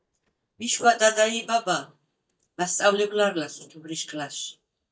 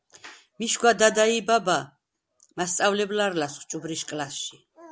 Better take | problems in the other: second | noise reduction (neural mask model DeepFilterNet 3)

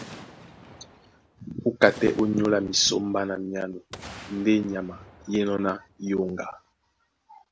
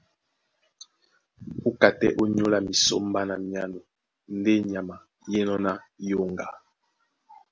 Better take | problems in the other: second | background sound (Boom); 20 dB below the speech

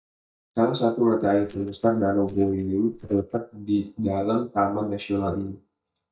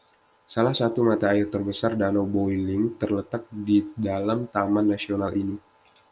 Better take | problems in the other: second | noise reduction (neural mask model DeepFilterNet 3)

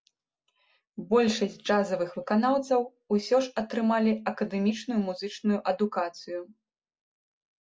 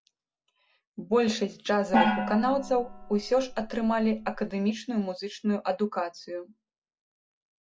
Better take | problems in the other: first | background sound (Gong); 2 dB below the speech

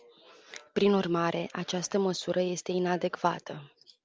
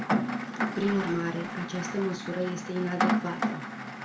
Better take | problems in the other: first | background sound (Rain); 1 dB above the speech // room echo; dies away in 0.3 s

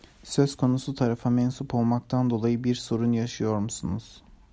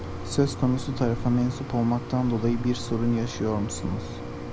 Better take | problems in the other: first | background sound (Mechanisms); 7 dB below the speech

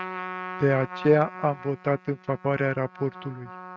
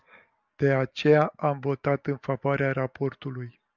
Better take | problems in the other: second | noise reduction (neural mask model RNNoise)

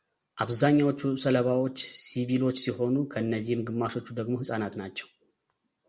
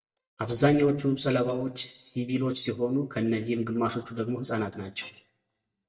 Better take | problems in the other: first | noise reduction (neural mask model DeepFilterNet 3)

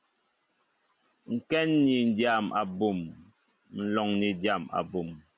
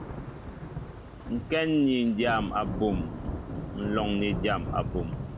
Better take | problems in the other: first | background sound (Thunder / Rain); 6 dB below the speech

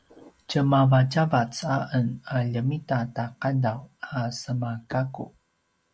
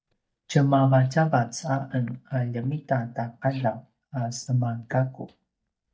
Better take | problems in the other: first | noise reduction (neural mask model DeepFilterNet 3)

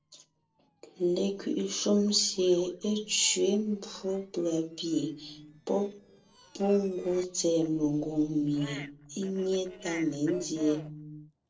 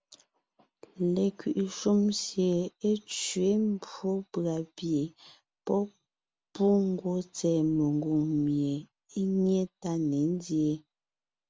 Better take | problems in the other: second | noise reduction (neural separator model SepFormer DNS4)

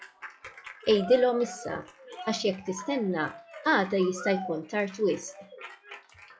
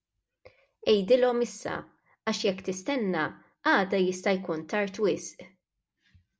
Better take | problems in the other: second | noise reduction (classical method log-MMSE)

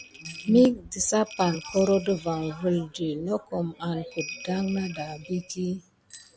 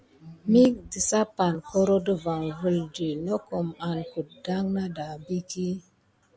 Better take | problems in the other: second | background sound (Bell); 18 dB below the speech

